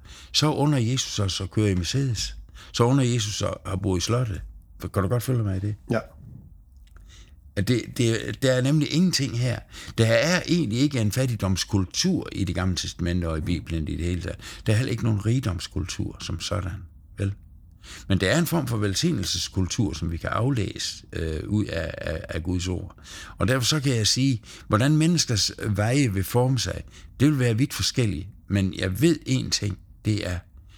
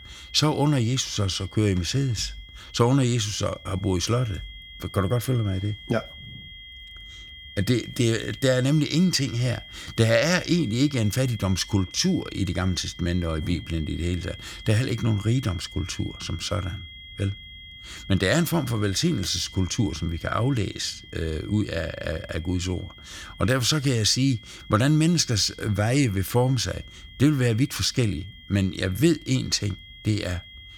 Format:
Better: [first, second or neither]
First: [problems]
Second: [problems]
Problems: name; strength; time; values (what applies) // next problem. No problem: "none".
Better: first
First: none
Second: high-pitched whine; noticeable; throughout; 3.5 kHz, 20 dB below the speech